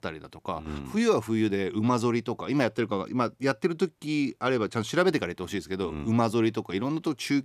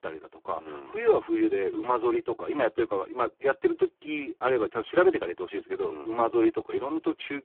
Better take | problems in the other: first | phone-call audio; poor line

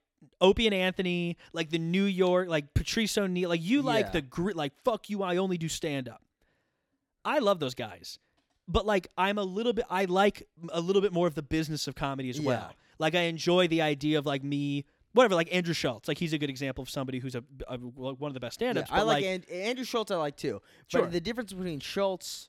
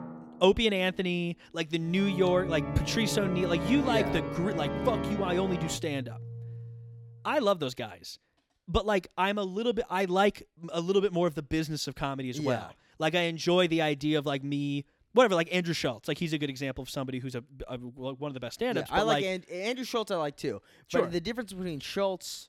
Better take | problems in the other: first | background music; loud; until 7.5 s; 6 dB below the speech

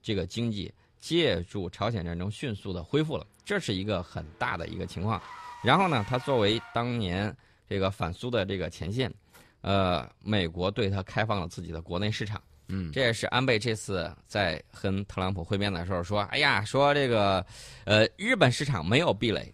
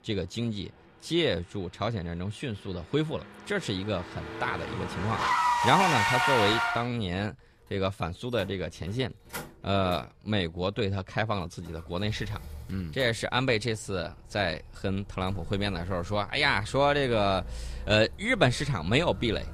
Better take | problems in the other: first | traffic noise; loud; throughout; 2 dB below the speech; faint in the first

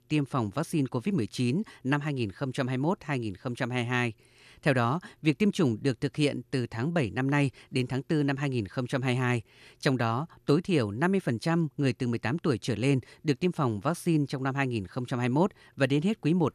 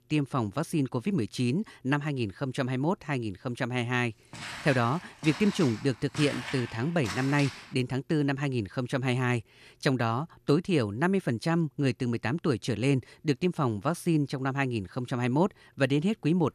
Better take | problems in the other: first | footsteps; noticeable; from 4.5 to 7.5 s; peak 7 dB below the speech

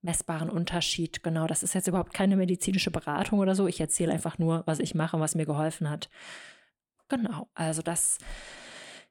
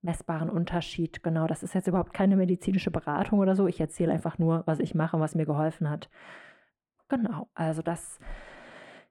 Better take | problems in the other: first | muffled; very; fading above 3 kHz

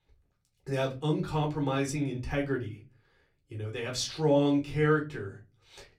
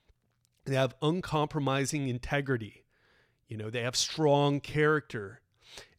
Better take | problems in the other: second | off-mic speech; somewhat distant // room echo; very slight; dies away in 0.3 s

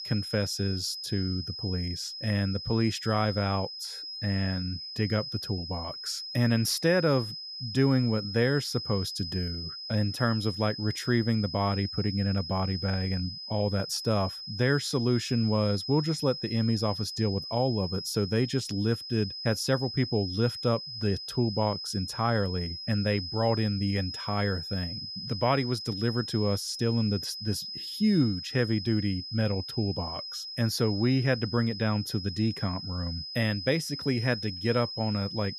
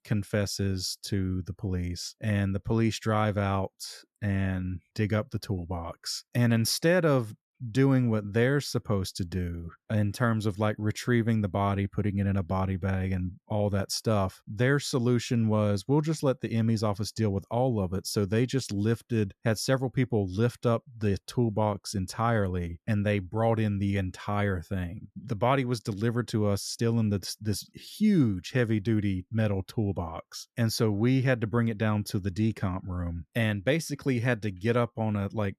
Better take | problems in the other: second | high-pitched whine; loud; throughout; 5 kHz, 7 dB below the speech

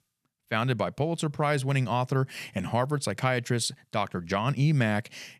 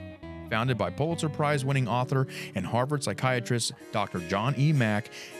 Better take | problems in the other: first | background music; noticeable; throughout; 15 dB below the speech

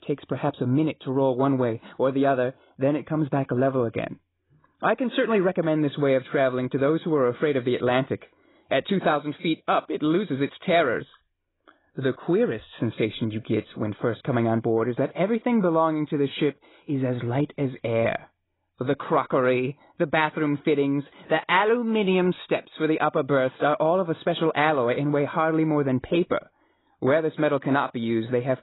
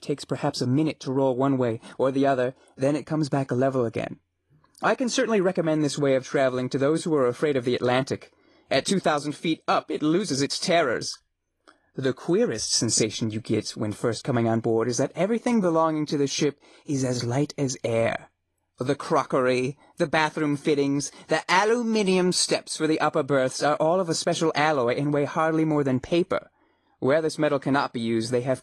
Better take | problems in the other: second | garbled, watery; badly; nothing above 4 kHz; slightly in the second

